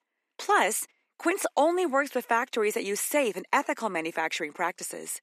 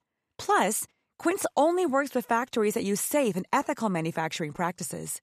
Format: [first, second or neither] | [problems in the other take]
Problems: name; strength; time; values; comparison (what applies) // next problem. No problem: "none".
second | thin; very slightly; fading below 250 Hz